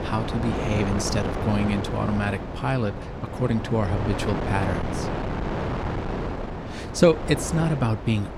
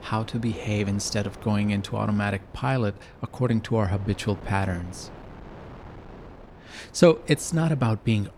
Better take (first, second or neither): second